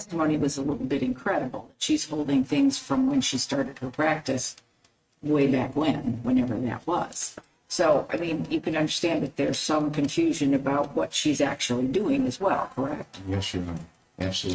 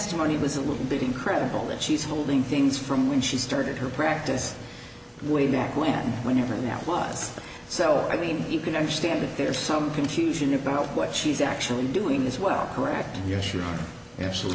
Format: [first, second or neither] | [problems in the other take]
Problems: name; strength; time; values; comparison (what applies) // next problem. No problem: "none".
second | noise reduction (neural mask model RNNoise)